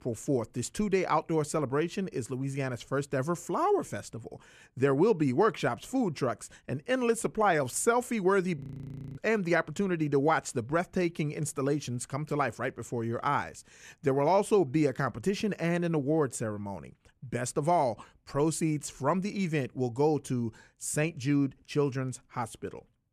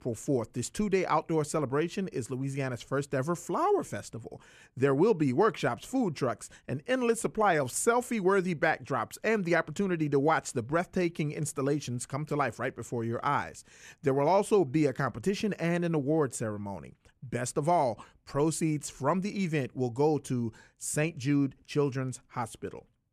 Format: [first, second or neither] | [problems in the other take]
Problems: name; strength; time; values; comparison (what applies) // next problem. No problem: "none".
second | audio freezing; at 8.5 s for 0.5 s